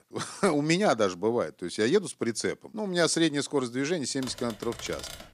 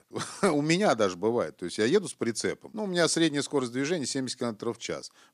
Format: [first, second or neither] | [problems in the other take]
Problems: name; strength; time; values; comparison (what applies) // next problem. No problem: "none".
second | keyboard typing; faint; from 4 s on; peak 15 dB below the speech